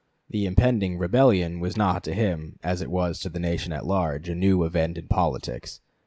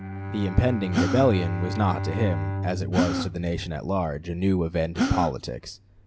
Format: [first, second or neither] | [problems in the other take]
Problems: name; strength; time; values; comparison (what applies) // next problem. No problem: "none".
first | background sound (Gasp + Bowed string instrument); 3 dB below the speech